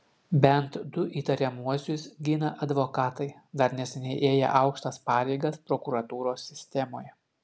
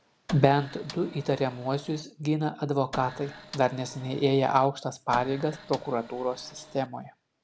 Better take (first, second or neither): first